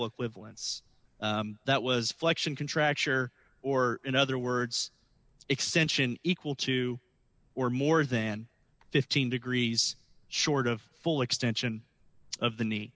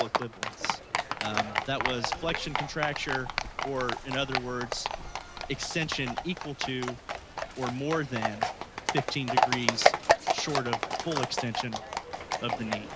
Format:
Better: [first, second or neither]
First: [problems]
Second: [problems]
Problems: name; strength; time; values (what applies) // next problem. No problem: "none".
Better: first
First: none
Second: background sound (Livestock, farm animals, working animals); 3 dB above the speech